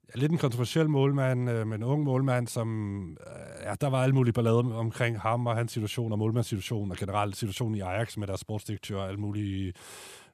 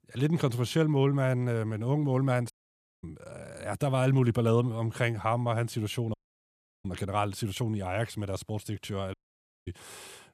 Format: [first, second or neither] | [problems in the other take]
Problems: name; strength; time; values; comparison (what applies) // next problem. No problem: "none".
first | audio cutting out; at 2.5 s for 0.5 s, at 6 s for 0.5 s and at 9 s for 0.5 s